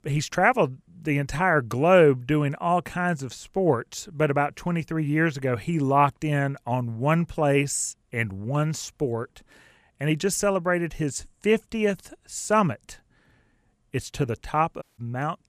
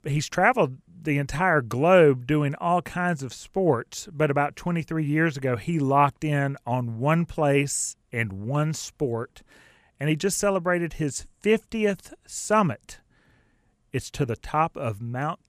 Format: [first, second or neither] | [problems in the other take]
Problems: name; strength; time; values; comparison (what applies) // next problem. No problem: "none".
second | audio cutting out; at 15 s